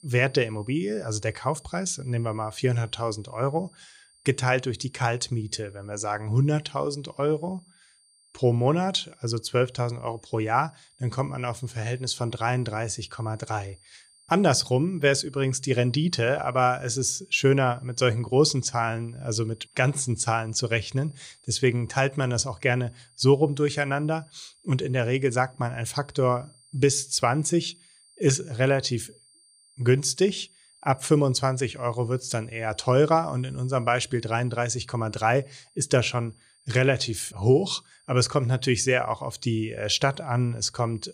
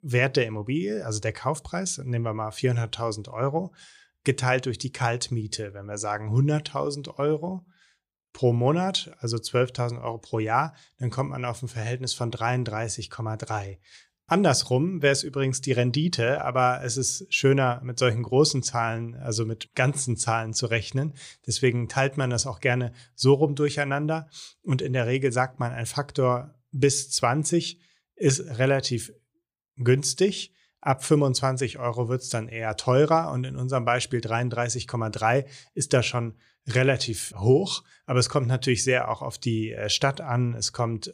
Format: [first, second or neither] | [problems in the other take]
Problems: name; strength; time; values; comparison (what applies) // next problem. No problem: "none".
second | high-pitched whine; faint; throughout; 9 kHz, 30 dB below the speech